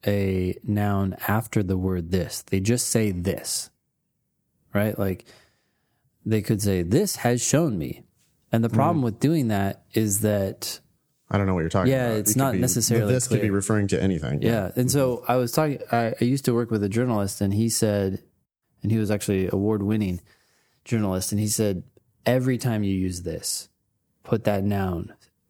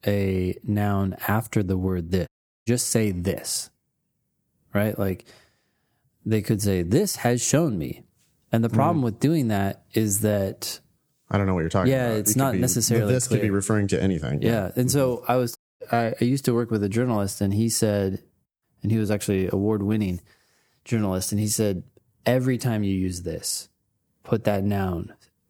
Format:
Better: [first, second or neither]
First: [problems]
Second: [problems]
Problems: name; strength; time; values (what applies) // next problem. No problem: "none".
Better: first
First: none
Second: audio cutting out; at 2.5 s and at 16 s